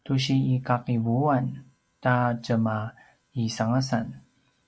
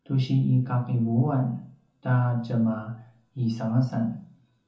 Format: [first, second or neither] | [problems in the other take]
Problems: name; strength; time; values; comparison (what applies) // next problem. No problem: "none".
first | room echo; dies away in 0.6 s